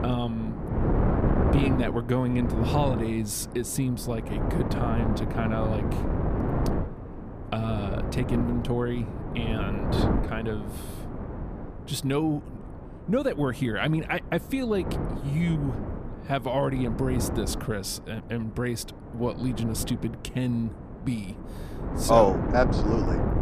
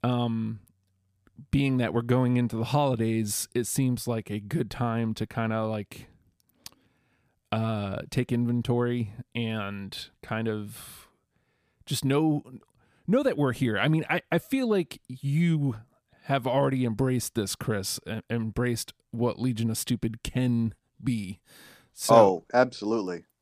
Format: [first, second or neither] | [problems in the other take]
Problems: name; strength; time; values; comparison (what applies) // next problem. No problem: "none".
second | wind noise on the microphone; heavy; 5 dB below the speech